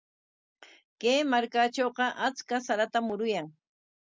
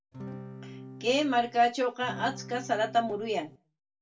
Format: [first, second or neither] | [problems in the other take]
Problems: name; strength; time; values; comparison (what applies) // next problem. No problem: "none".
first | background sound (Acoustic guitar / Strum); 14 dB below the speech // room echo; dies away in 0.2 s